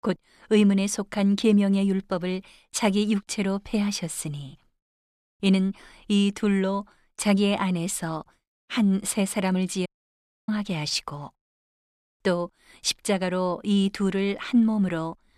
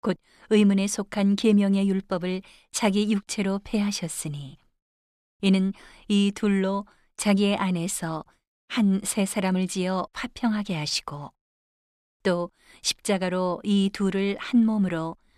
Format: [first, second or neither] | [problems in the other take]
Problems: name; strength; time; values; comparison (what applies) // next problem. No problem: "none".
second | audio cutting out; at 10 s for 0.5 s